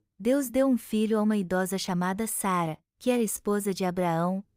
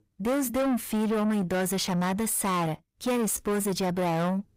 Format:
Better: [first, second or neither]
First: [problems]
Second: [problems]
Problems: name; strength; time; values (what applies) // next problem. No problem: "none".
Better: first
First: none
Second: distortion; heavy; 7 dB below the speech